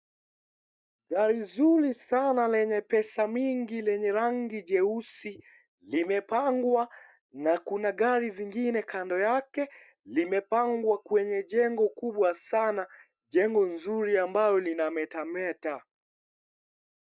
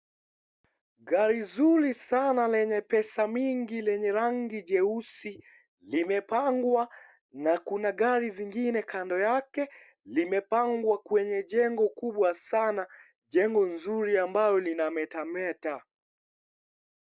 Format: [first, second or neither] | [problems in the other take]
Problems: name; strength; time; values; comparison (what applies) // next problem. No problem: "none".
second | noise reduction (neural mask model DeepFilterNet 3)